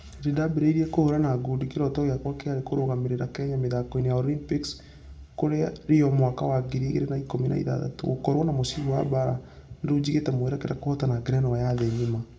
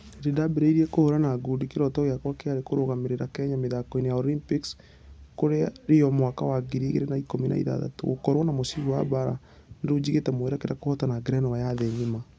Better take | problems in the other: second | room echo; dies away in 0.4 s

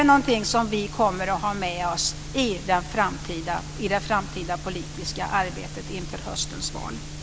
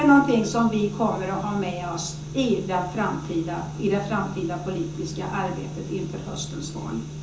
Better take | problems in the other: first | room echo; dies away in 0.6 s

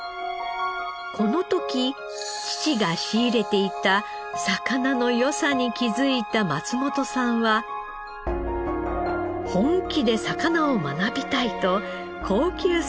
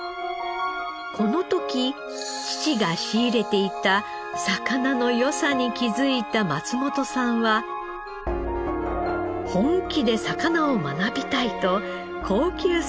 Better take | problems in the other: first | background sound (Wind instrument, woodwind instrument + Bowed string instrument); 16 dB below the speech

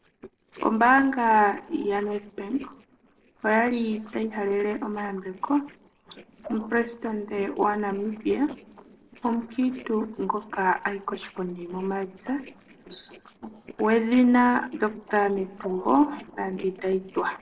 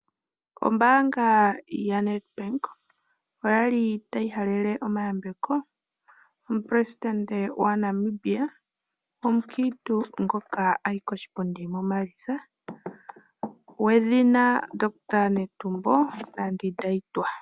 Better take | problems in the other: second | noise reduction (neural separator model SepFormer DNS4)

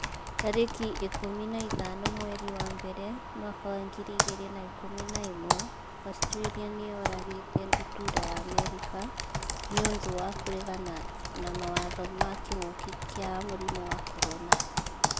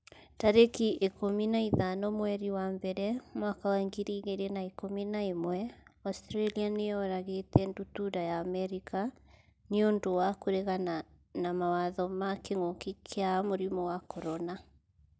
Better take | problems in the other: second | background sound (Computer keyboard); 3 dB above the speech

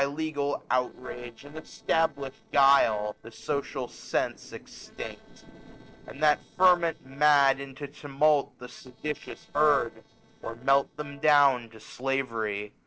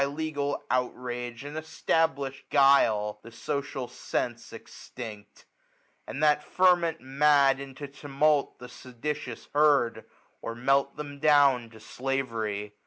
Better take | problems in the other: second | noise reduction (neural separator model SepFormer DNS4)

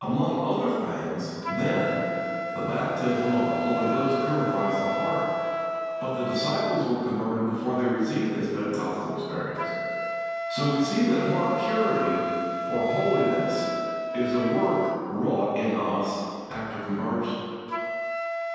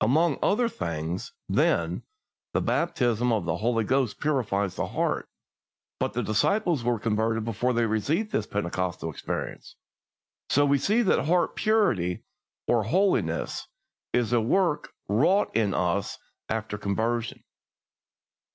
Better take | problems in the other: second | background sound (Wind instrument, woodwind instrument); 5 dB below the speech // room echo; dies away in 2.1 s

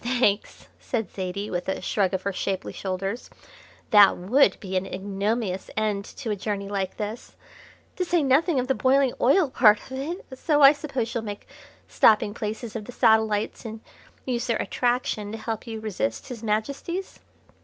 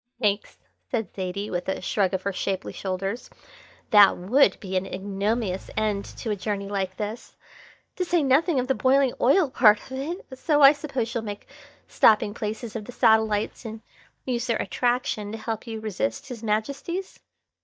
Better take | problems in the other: first | noise reduction (neural mask model DeepFilterNet 3)

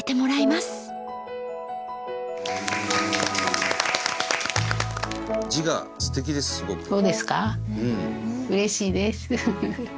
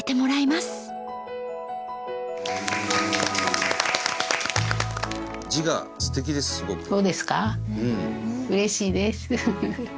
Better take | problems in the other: second | background sound (Brass instrument); 9 dB below the speech

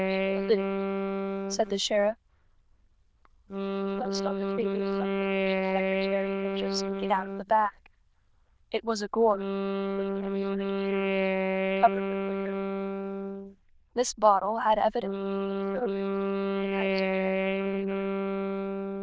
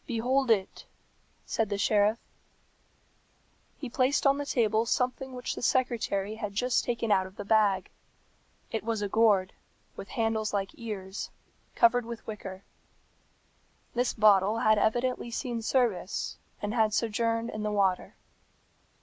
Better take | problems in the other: second | noise reduction (neural diffusion model UNIVERSE++)

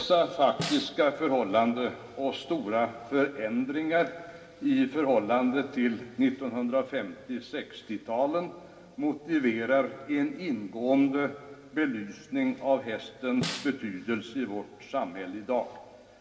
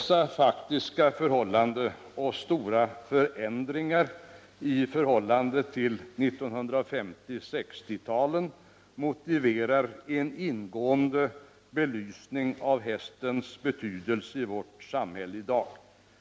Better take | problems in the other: second | background sound (Snare drum); 10 dB below the speech // room echo; dies away in 1.6 s

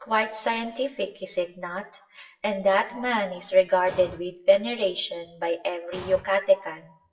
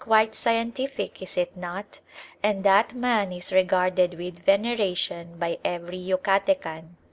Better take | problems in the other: second | noise reduction (classical method WPE with log-MMSE)

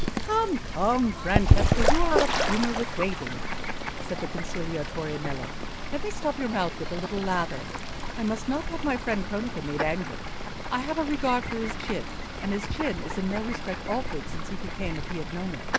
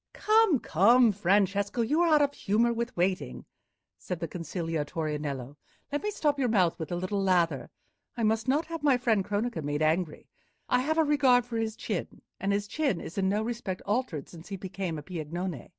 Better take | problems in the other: second | background sound (Bird / Fowl); 2 dB above the speech

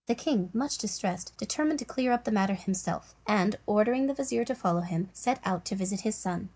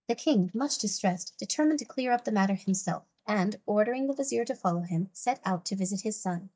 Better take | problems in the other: first | noise reduction (neural mask model DeepFilterNet 3)

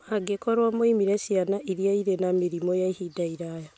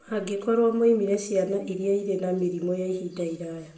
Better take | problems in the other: first | room echo; dies away in 0.7 s

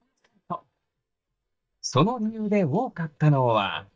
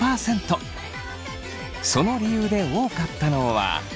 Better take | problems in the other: second | noise reduction (neural mask model DeepFilterNet 3)

